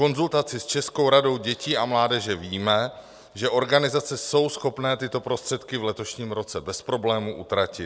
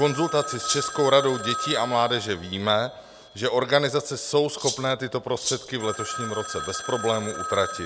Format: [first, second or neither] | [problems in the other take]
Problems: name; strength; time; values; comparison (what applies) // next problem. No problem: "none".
first | background sound (Rattle (instrument) + Telephone); 9 dB below the speech